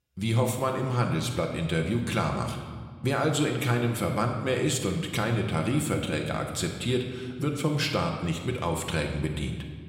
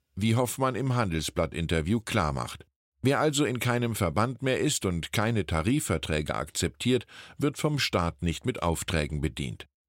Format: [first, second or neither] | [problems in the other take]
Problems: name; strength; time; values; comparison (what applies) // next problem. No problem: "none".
second | room echo; slight; dies away in 1.3 s